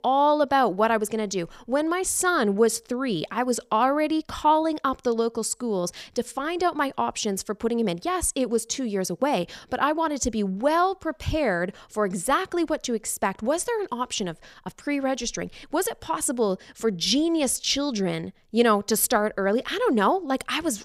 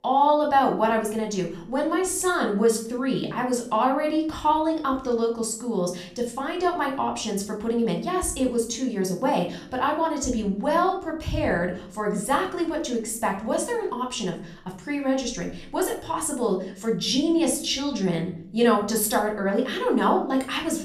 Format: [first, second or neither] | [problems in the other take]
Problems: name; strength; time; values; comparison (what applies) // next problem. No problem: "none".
first | room echo; slight; dies away in 0.5 s // off-mic speech; somewhat distant